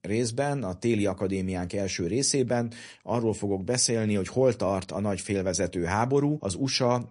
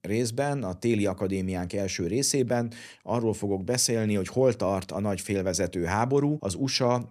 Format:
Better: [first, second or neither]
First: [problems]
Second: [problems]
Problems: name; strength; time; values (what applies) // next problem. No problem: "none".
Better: second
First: garbled, watery; slightly; nothing above 10.5 kHz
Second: none